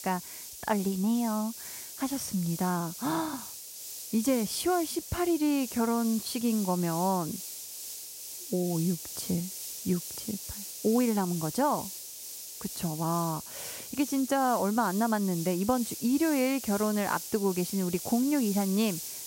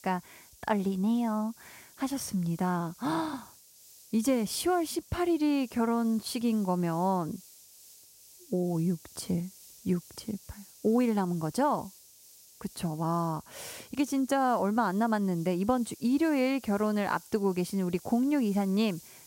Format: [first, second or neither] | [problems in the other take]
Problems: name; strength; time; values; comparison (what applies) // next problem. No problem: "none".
second | hiss; loud; throughout; 8 dB below the speech; faint in the second